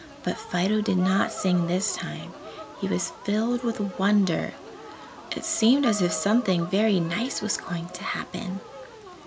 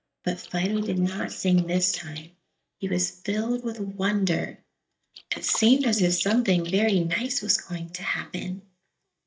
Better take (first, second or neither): first